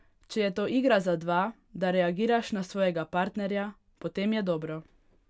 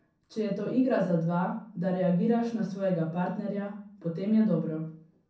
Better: first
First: none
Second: room echo; dies away in 0.5 s

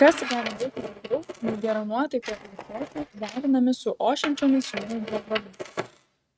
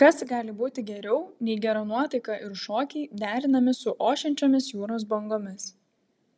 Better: second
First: noise reduction (neural mask model RNNoise)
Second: none

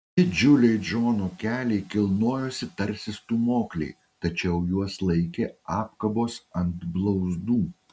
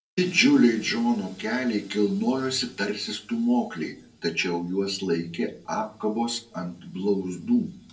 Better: first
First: none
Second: room echo; dies away in 0.2 s

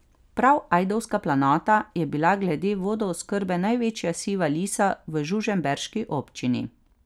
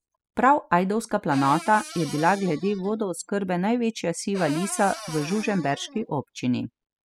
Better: first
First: none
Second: noise reduction (classical method spectral subtraction)

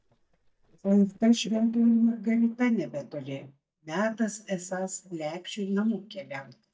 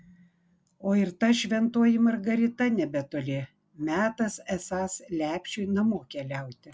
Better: second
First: noise reduction (neural mask model DeepFilterNet 3)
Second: none

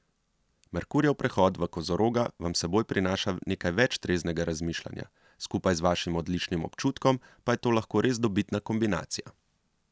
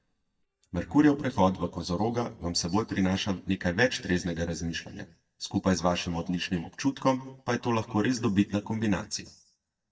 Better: first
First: none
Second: noise reduction (neural mask model DeepFilterNet 3)

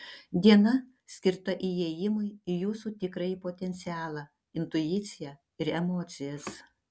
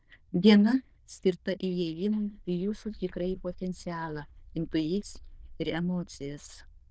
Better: first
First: none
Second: noise reduction (neural diffusion model UNIVERSE++)

